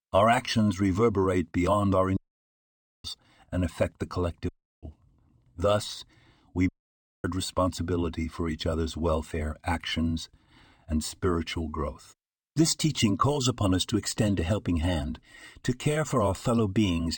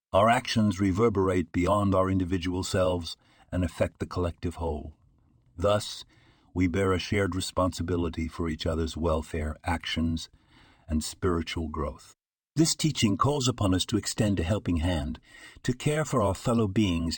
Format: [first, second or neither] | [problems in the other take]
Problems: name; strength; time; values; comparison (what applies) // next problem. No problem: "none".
second | audio cutting out; at 2 s for 1 s, at 4.5 s and at 6.5 s for 0.5 s